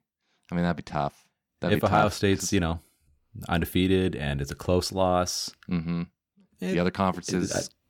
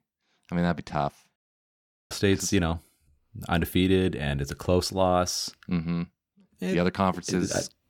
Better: first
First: none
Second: audio cutting out; at 1.5 s for 0.5 s

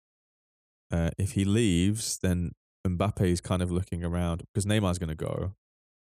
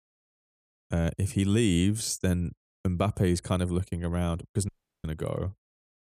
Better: first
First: none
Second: audio cutting out; at 4.5 s

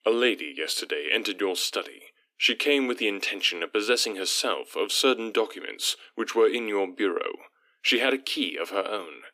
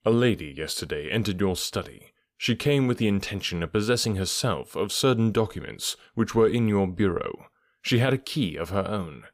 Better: second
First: thin; somewhat; fading below 250 Hz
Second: none

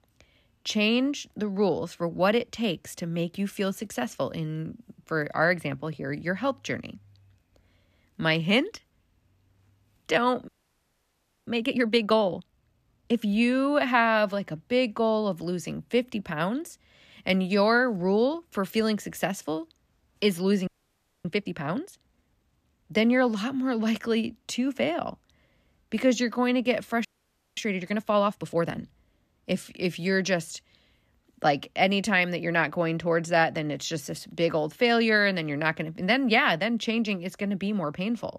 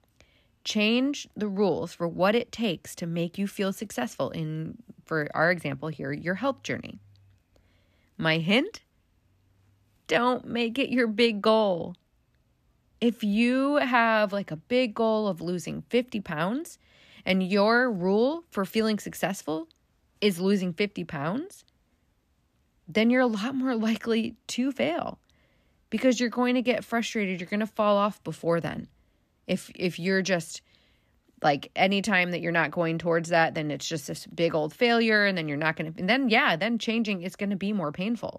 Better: second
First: audio freezing; at 10 s for 1 s, at 21 s for 0.5 s and at 27 s for 0.5 s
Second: none

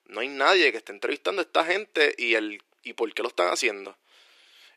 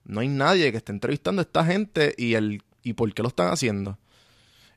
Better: second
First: thin; very; fading below 350 Hz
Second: none

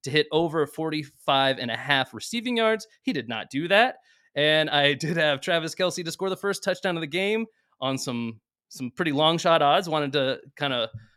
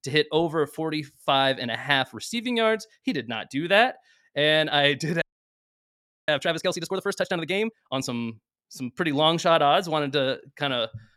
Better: first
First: none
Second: audio freezing; at 5 s for 1 s

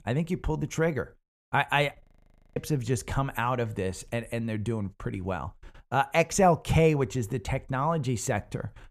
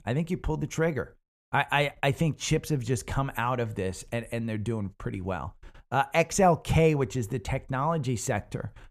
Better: second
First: audio freezing; at 2 s for 0.5 s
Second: none

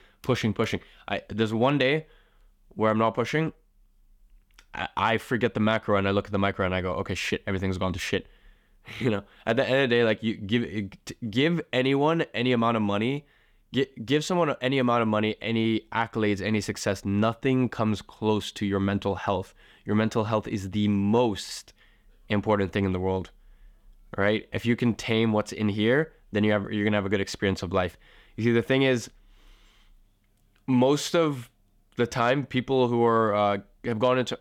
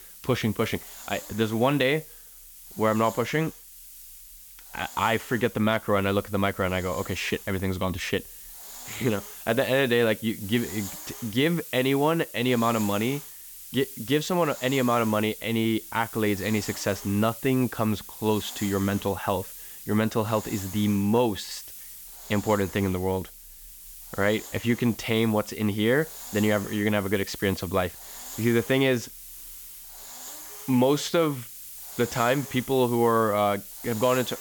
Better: first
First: none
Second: hiss; noticeable; throughout; 15 dB below the speech

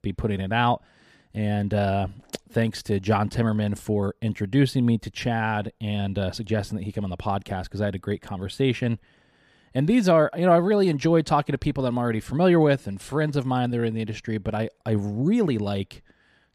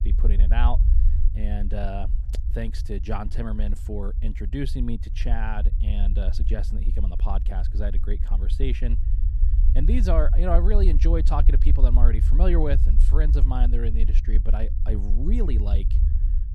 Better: first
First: none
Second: low rumble; noticeable; throughout; 10 dB below the speech

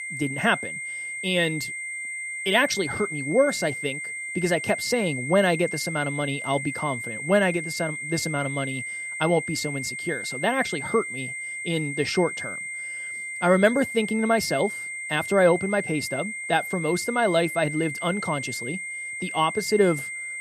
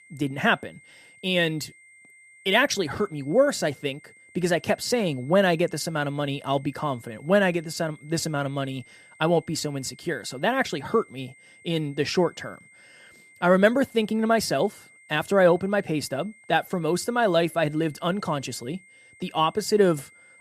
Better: second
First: high-pitched whine; loud; throughout; 2 kHz, 6 dB below the speech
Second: high-pitched whine; faint; throughout; 2 kHz, 25 dB below the speech

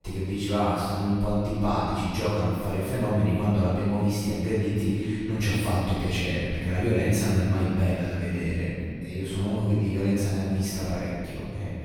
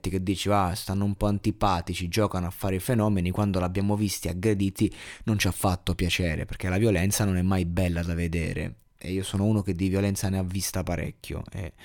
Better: second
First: off-mic speech; far // room echo; strong; dies away in 2.4 s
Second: none

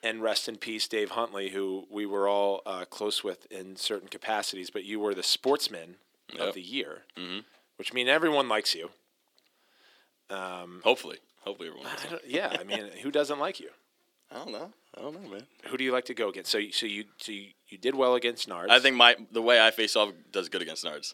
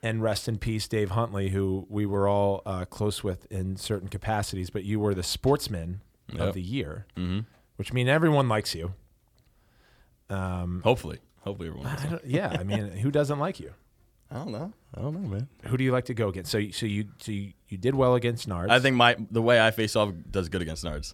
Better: second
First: thin; somewhat; fading below 300 Hz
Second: none

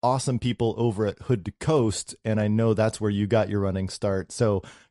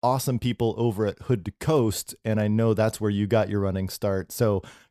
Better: second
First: garbled, watery; slightly; nothing above 11 kHz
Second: none

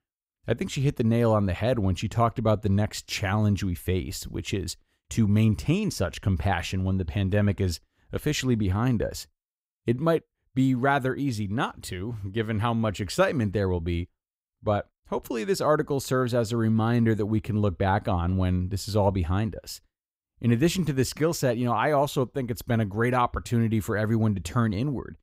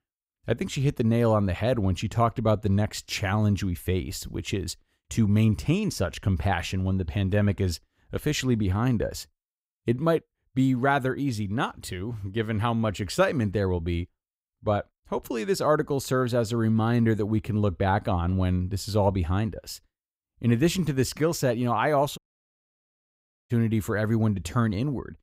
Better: first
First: none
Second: audio cutting out; at 22 s for 1.5 s

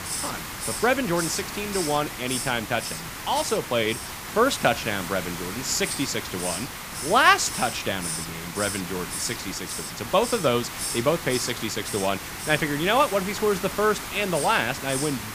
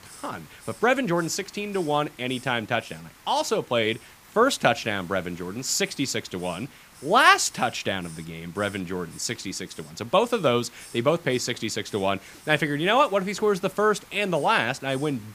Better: second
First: hiss; loud; throughout; 6 dB below the speech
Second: hiss; faint; throughout; 25 dB below the speech

